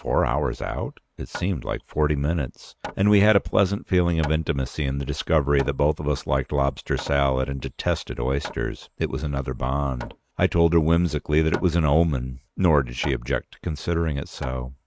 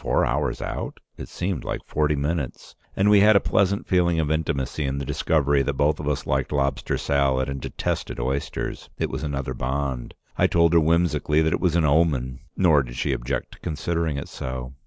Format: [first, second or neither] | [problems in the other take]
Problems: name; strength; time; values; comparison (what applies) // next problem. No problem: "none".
second | noise reduction (neural mask model RNNoise)